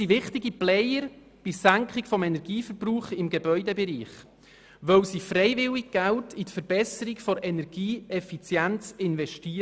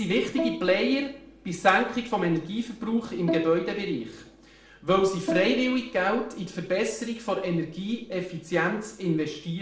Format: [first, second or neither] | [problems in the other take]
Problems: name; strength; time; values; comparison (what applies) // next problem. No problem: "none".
first | background sound (Bowed string instrument); 9 dB below the speech // room echo; dies away in 0.5 s